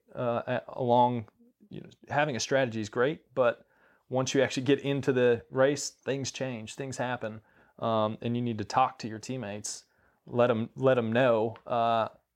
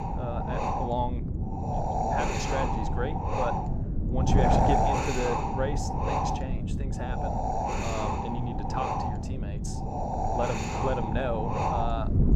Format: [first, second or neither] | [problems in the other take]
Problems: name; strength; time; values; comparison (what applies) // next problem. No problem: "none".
first | wind noise on the microphone; heavy; 5 dB above the speech